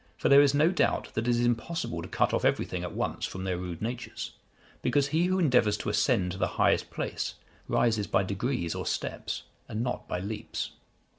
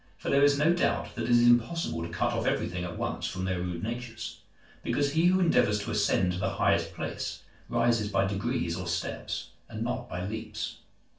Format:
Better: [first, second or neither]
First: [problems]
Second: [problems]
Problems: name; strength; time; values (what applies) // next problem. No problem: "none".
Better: first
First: none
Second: room echo; dies away in 0.3 s